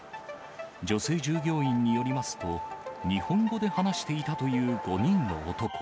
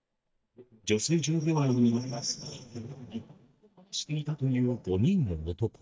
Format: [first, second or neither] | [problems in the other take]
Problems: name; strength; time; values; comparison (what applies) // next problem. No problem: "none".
first | noise reduction (neural mask model DeepFilterNet 3)